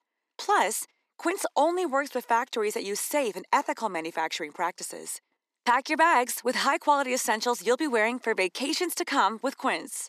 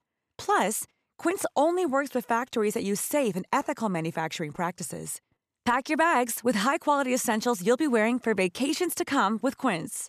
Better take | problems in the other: second | thin; somewhat; fading below 300 Hz

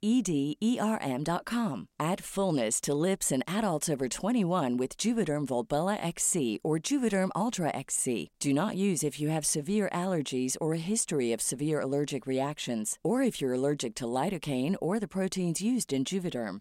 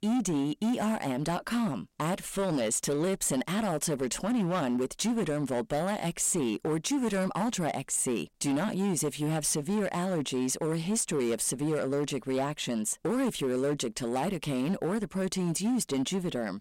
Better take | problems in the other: first | distortion; slight; 14% of the sound clipped

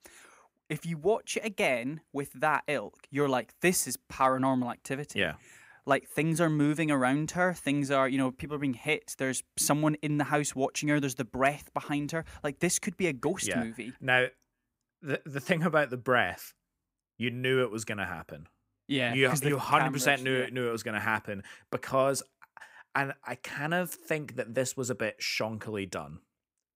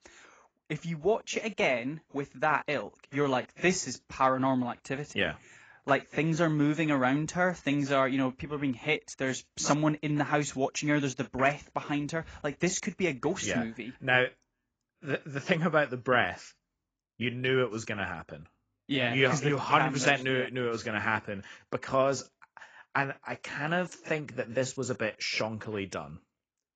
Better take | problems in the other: first | garbled, watery; badly; nothing above 7.5 kHz

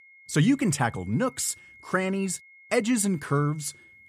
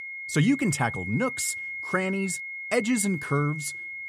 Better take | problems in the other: first | high-pitched whine; loud; throughout; 2 kHz, 6 dB below the speech; faint in the first

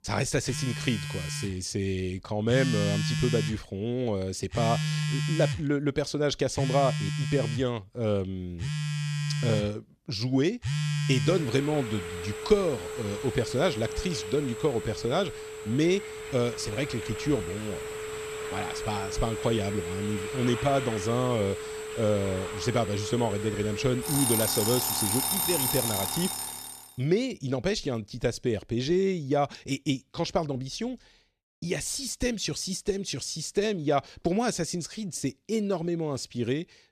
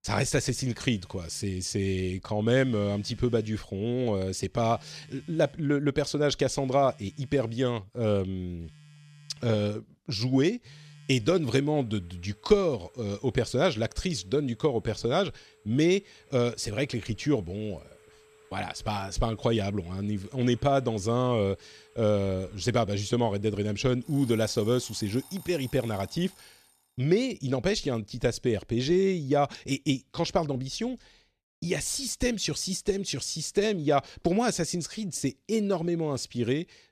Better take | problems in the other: second | alarms or sirens; loud; until 26 s; 3 dB below the speech; faint in the second

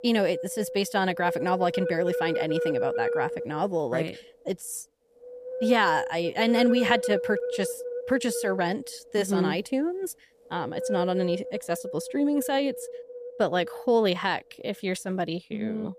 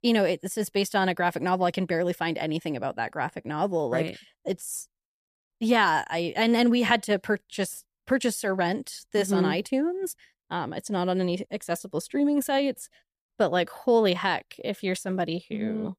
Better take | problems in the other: second | wind noise on the microphone; heavy; 4 dB below the speech

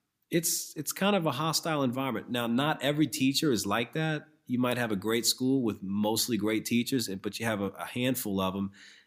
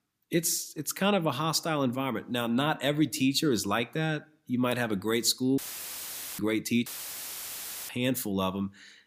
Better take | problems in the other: first | audio cutting out; filled with static; at 5.5 s for 1 s and at 7 s for 1 s

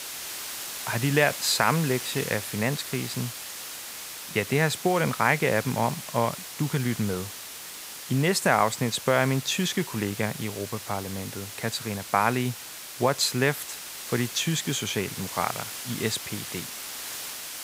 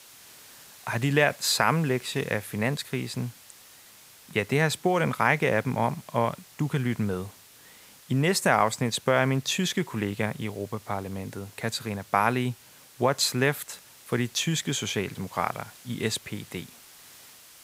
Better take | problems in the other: second | hiss; loud; throughout; 9 dB below the speech; faint in the second

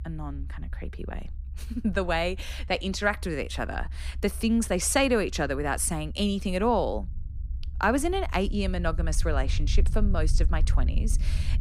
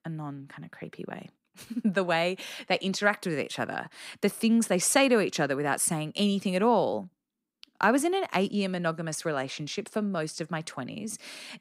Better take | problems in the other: second | low rumble; faint; throughout; 25 dB below the speech

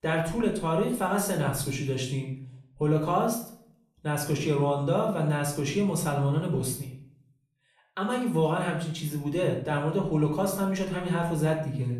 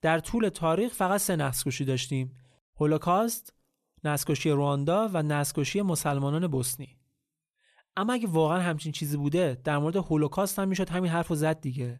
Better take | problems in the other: second | off-mic speech; somewhat distant // room echo; slight; dies away in 0.5 s

